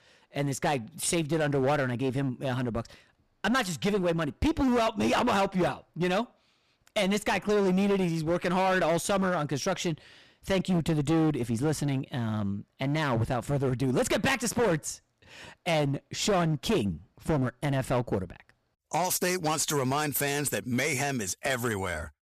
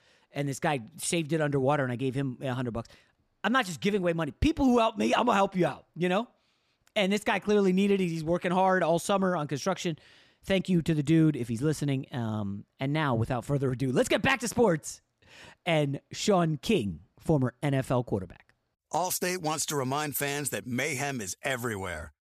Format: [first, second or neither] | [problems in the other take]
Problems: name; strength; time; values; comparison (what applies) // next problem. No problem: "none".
second | distortion; heavy; 12% of the sound clipped